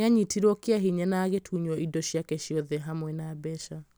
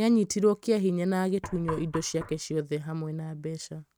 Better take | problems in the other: first | noise reduction (neural mask model RNNoise)

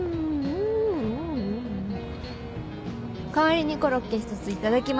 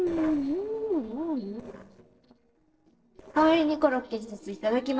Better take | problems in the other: first | noise reduction (neural separator model SepFormer DNS4)

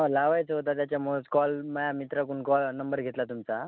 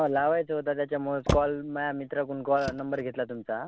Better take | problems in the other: first | background sound (Motor vehicle (road)); 9 dB below the speech

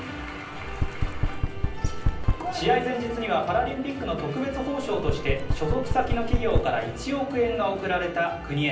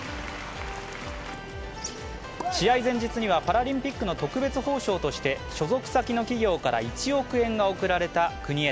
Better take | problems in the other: second | background sound (Knock); as loud as the speech // room echo; dies away in 0.6 s

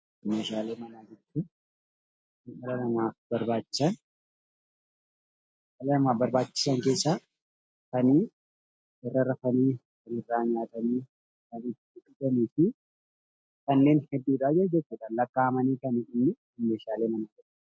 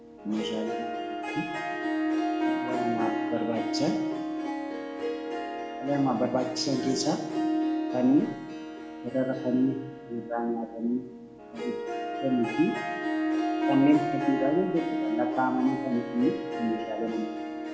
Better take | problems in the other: first | background sound (Harp); 2 dB below the speech // room echo; dies away in 0.9 s

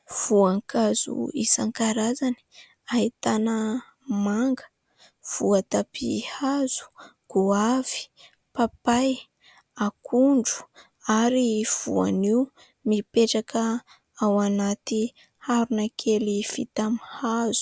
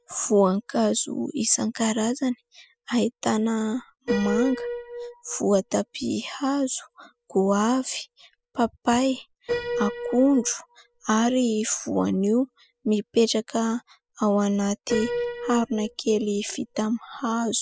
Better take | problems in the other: first | noise reduction (classical method spectral subtraction)

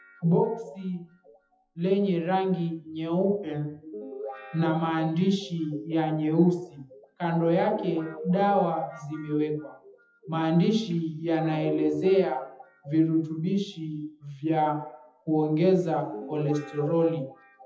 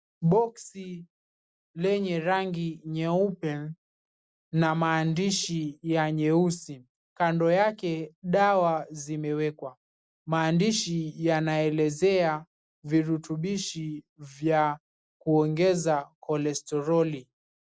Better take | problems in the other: second | noise reduction (classical method WPE with log-MMSE)

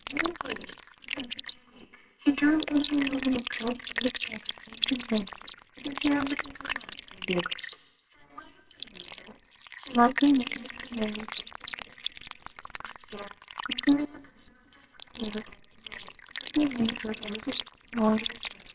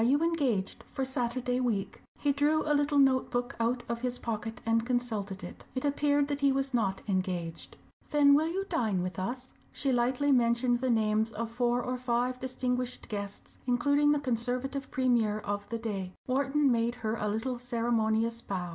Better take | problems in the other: second | noise reduction (neural separator model SepFormer WHAMR!)

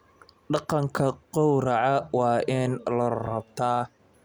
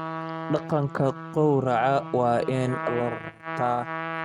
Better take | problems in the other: first | noise reduction (neural mask model RNNoise)

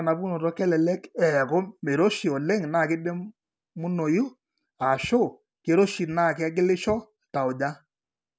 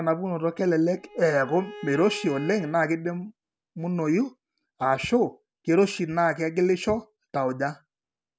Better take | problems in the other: first | background sound (Bowed string instrument); 16 dB below the speech

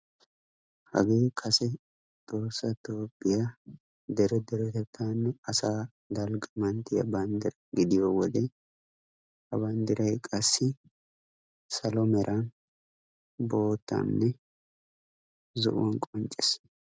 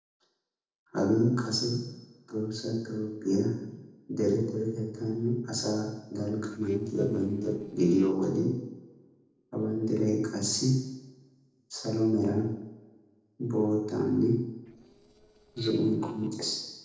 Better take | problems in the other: first | noise reduction (neural separator model SepFormer DNS4)

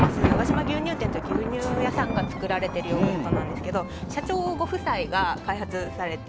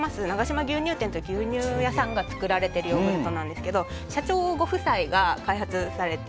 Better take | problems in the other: second | background sound (Thunder); as loud as the speech

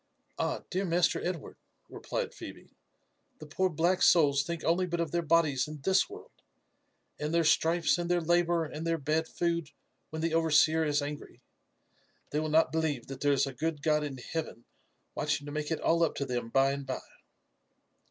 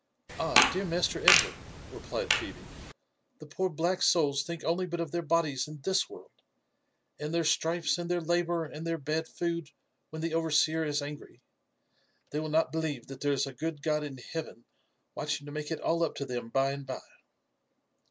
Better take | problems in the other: first | background sound (Fart); 3 dB above the speech

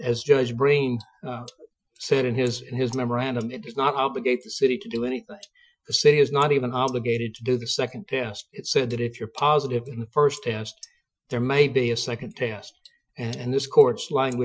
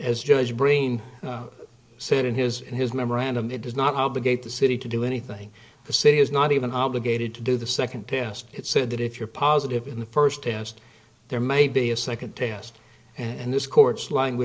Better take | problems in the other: second | noise reduction (classical method Wiener filter)

